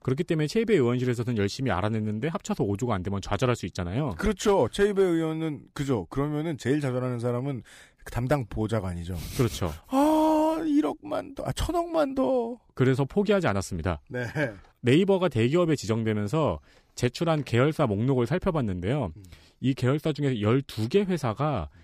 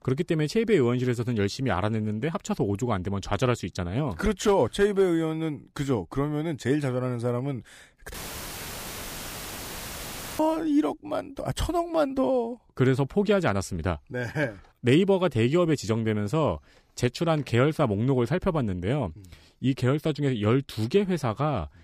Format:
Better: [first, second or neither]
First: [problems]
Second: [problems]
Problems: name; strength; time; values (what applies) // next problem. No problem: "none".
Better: first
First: none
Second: audio cutting out; filled with static; at 8 s for 2.5 s